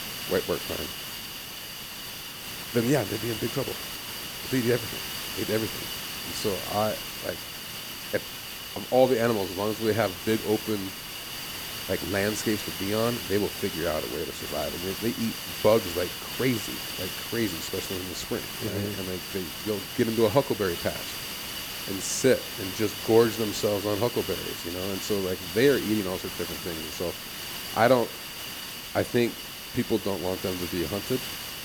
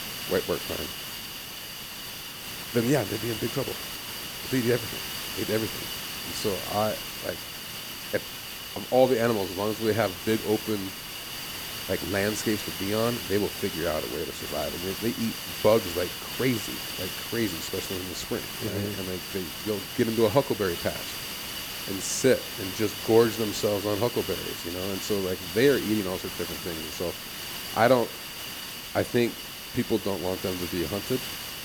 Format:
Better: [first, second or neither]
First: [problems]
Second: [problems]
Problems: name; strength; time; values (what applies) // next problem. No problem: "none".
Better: neither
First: hiss; loud; throughout; 5 dB below the speech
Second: hiss; loud; throughout; 5 dB below the speech